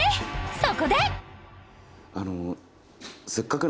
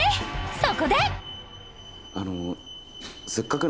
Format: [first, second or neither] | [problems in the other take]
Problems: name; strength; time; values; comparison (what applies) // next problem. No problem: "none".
first | background sound (Alarm); 16 dB below the speech